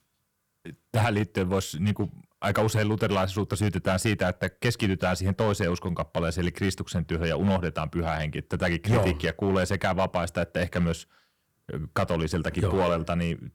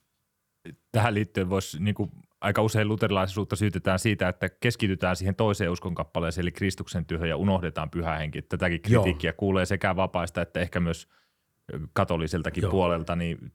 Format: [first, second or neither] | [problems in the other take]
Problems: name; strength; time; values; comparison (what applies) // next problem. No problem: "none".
second | distortion; slight; 4% of the sound clipped